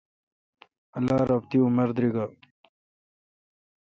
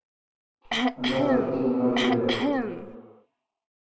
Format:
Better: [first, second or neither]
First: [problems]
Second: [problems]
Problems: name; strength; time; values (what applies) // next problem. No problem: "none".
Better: first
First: none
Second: background sound (Cough); 1 dB above the speech // room echo; dies away in 2.2 s